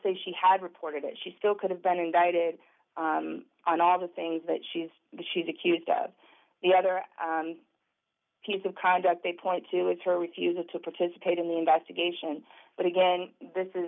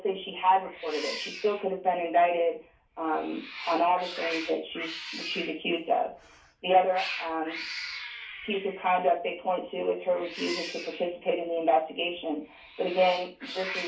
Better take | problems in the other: first | background sound (Cat); 12 dB below the speech // room echo; dies away in 0.3 s

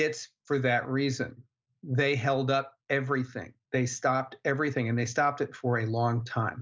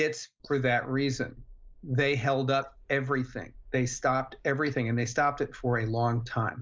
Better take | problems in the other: first | noise reduction (neural mask model Resemble Enhance denoiser)

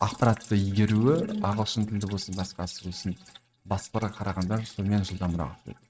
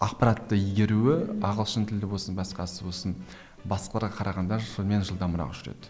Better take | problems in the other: second | noise reduction (neural mask model RNNoise)

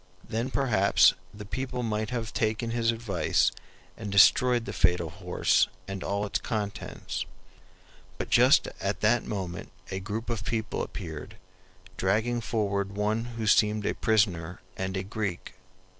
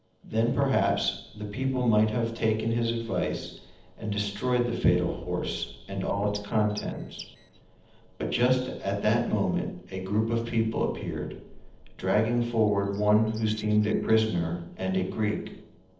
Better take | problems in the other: first | noise reduction (neural separator model SepFormer DNS4)

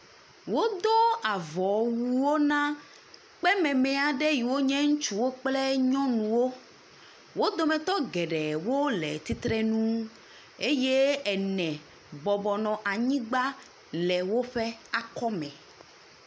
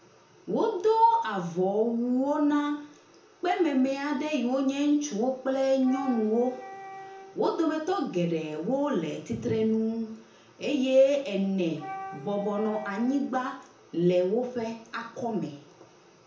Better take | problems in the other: first | background sound (Wind instrument, woodwind instrument); 15 dB below the speech // room echo; dies away in 0.6 s

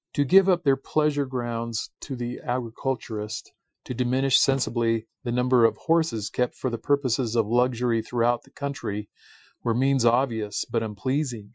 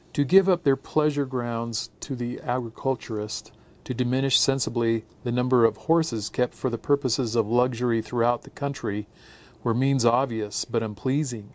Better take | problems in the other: second | noise reduction (classical method Wiener filter)

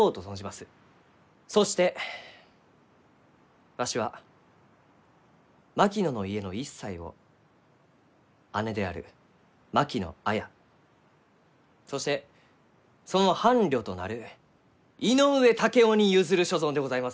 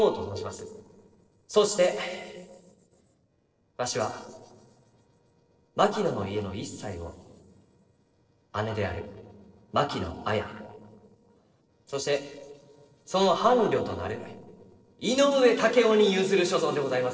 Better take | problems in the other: first | noise reduction (neural separator model SepFormer DNS4)

